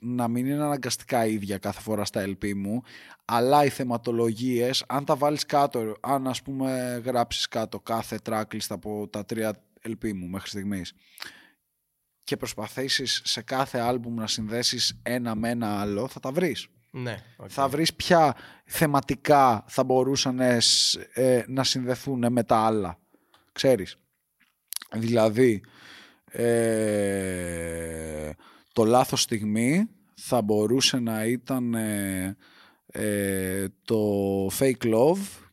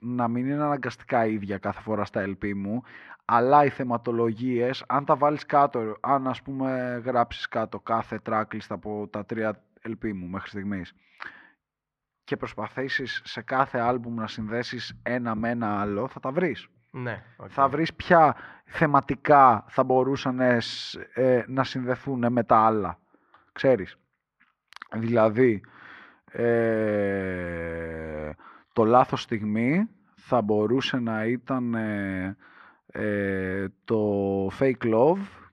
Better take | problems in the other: first | muffled; very; fading above 2 kHz

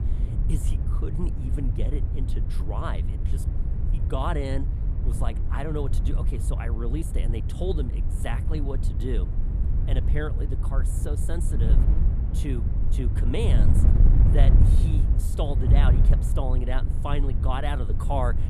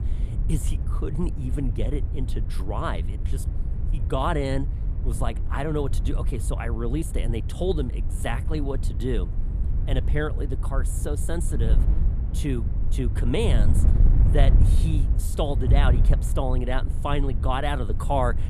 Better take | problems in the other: second | wind noise on the microphone; heavy; 5 dB below the speech; occasional gusts in the second

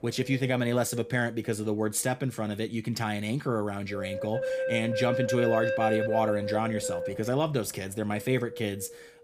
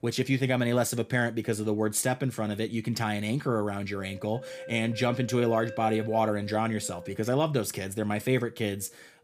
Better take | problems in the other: second | wind noise on the microphone; heavy; 1 dB below the speech; occasional gusts in the second

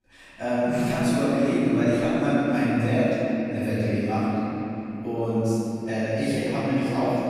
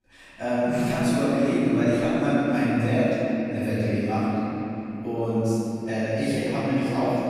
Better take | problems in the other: neither | room echo; strong; dies away in 3 s; the same in both // off-mic speech; far; the same in both

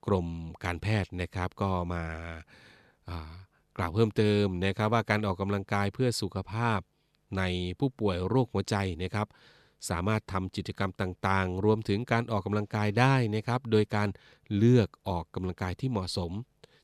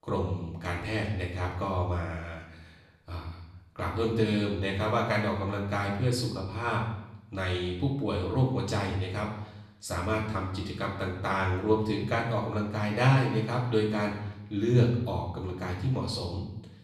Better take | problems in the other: first | room echo; noticeable; dies away in 0.7 s // off-mic speech; far

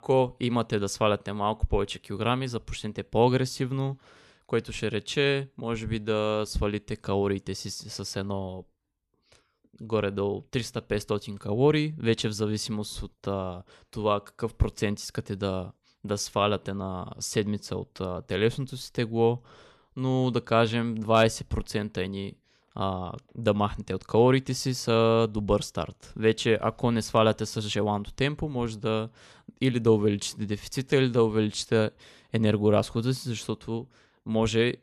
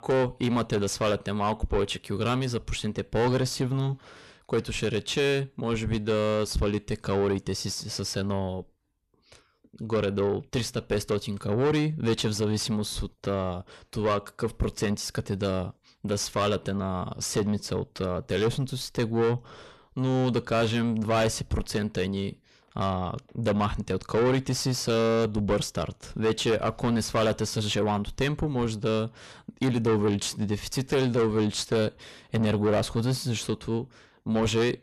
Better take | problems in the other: first | distortion; heavy; 6 dB below the speech

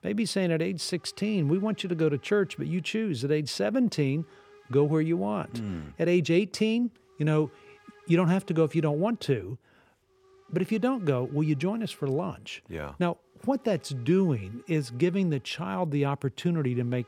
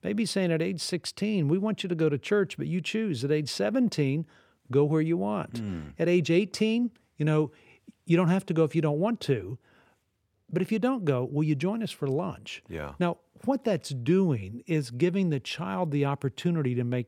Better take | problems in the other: second | hiss; faint; throughout; 30 dB below the speech

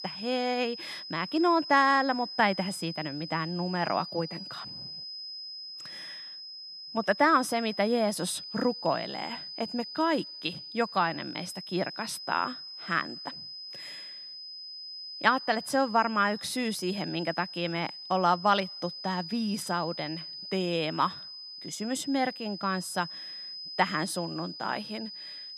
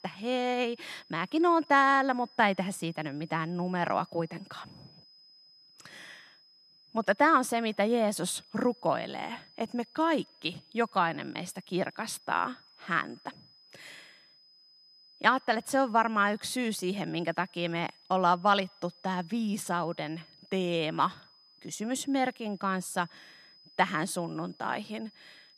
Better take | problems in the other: second | high-pitched whine; loud; throughout; 5 kHz, 10 dB below the speech; faint in the second

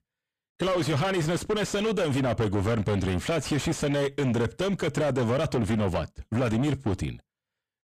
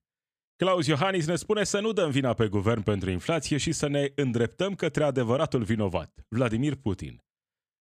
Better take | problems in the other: second | distortion; heavy; 6 dB below the speech

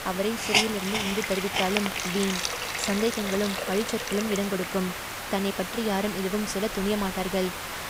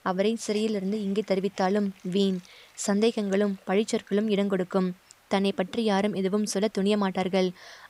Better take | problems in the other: second | hiss; loud; throughout; as loud as the speech; faint in the second

